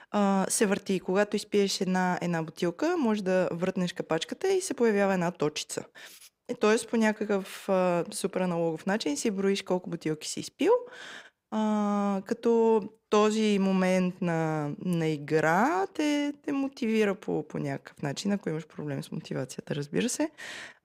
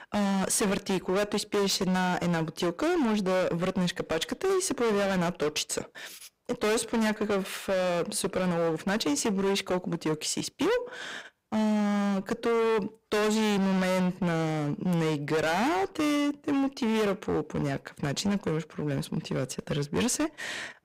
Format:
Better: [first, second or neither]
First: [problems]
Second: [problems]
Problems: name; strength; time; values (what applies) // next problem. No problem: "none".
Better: first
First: none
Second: distortion; heavy; 23% of the sound clipped